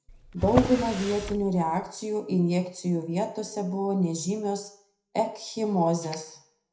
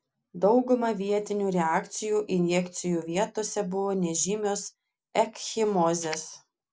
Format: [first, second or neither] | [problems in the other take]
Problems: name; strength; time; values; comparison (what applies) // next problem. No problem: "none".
second | background sound (Drawer open or close); 5 dB below the speech // room echo; dies away in 0.5 s